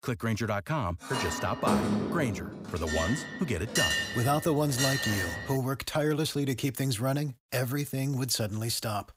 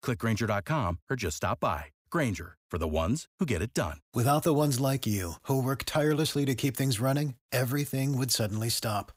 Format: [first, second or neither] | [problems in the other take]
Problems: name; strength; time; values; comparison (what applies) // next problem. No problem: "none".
second | clattering dishes; loud; from 1 to 5.5 s; peak 4 dB above the speech